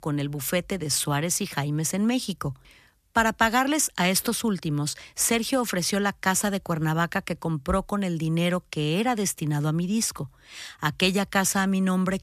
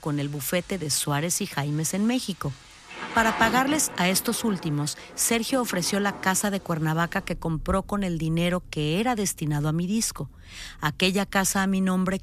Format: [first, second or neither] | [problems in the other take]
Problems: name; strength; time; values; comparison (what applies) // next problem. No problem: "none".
first | rain or running water; noticeable; throughout; 15 dB below the speech